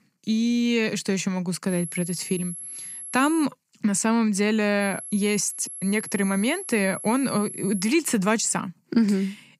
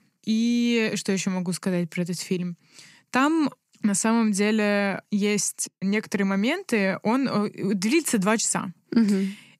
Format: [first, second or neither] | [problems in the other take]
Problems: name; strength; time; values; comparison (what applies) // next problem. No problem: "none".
second | high-pitched whine; loud; from 1.5 to 3.5 s and from 5 to 8 s; 11 kHz, 10 dB below the speech